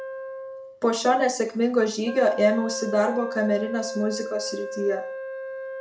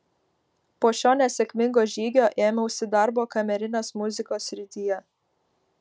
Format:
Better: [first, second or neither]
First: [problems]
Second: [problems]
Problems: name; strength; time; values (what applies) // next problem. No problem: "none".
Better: second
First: background sound (Wind instrument, woodwind instrument); 10 dB below the speech // room echo; dies away in 0.4 s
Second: none